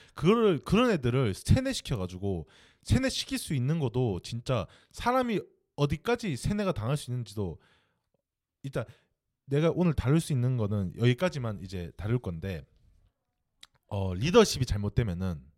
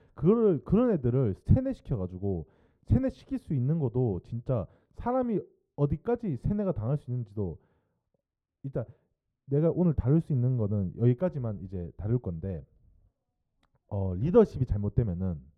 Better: first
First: none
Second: muffled; very; fading above 1.5 kHz

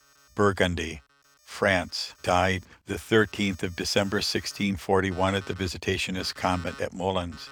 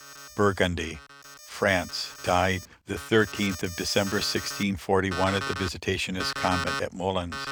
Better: first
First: alarms or sirens; faint; throughout; 25 dB below the speech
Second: alarms or sirens; loud; throughout; 8 dB below the speech

